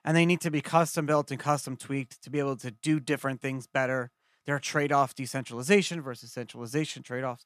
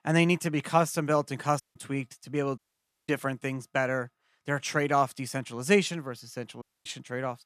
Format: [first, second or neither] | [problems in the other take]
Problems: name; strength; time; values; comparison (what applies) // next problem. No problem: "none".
first | audio cutting out; at 1.5 s, at 2.5 s for 0.5 s and at 6.5 s